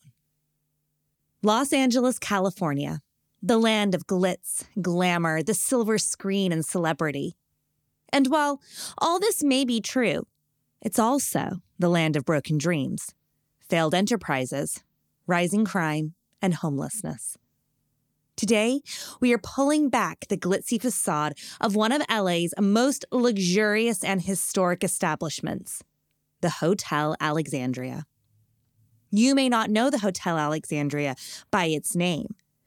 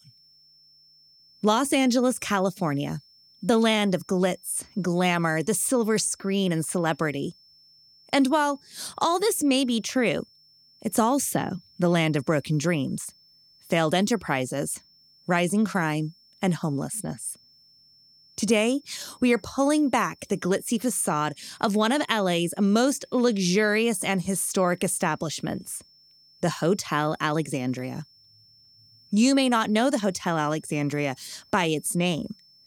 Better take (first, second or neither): first